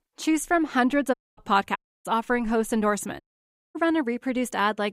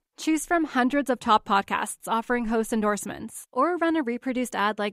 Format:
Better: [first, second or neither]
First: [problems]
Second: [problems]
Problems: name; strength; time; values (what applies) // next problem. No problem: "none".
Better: second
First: audio cutting out; at 1 s, at 2 s and at 3 s for 0.5 s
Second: none